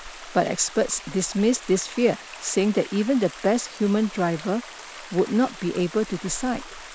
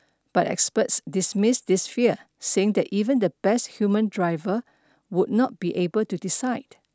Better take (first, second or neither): second